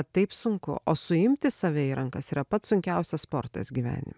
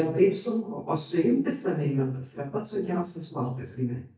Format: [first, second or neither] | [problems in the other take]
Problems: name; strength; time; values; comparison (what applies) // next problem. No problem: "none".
first | noise reduction (neural mask model DeepFilterNet 3)